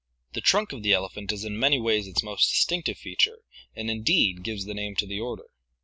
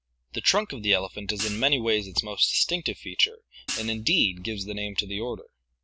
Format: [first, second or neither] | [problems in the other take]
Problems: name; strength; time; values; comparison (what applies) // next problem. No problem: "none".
first | background sound (Hi-hat); 10 dB below the speech